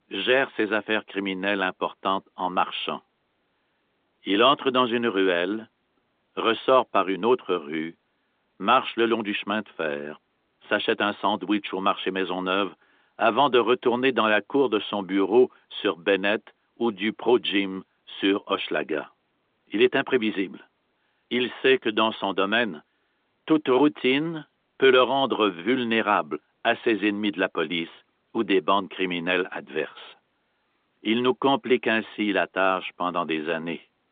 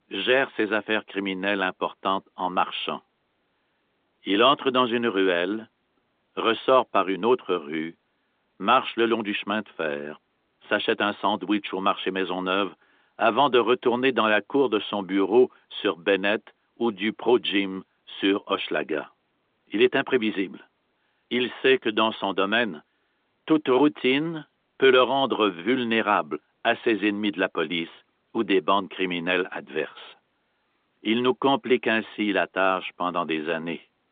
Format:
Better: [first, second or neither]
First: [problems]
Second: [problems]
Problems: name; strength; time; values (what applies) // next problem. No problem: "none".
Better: neither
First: phone-call audio; nothing above 3.5 kHz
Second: phone-call audio; nothing above 3.5 kHz